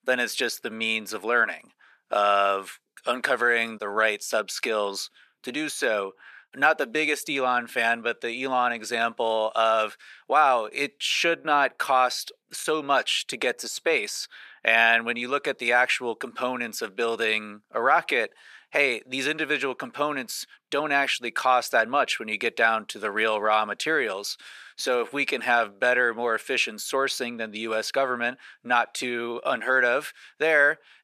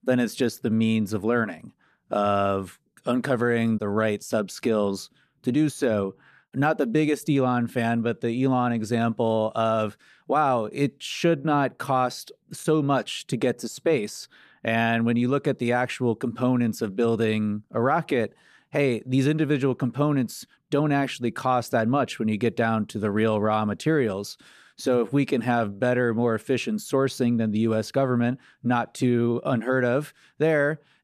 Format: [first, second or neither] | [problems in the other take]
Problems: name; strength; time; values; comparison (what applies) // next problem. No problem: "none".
second | thin; very; fading below 650 Hz